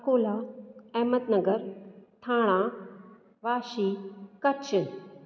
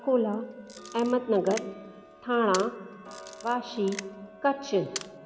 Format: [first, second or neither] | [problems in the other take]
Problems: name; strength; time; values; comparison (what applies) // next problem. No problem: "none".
first | background sound (Camera + Tick-tock); 15 dB below the speech